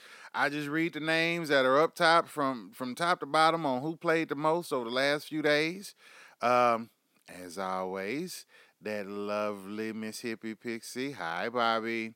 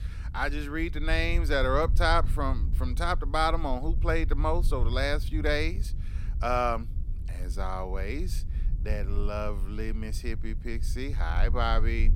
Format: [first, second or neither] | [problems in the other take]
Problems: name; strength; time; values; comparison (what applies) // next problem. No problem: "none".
first | low rumble; faint; throughout; 20 dB below the speech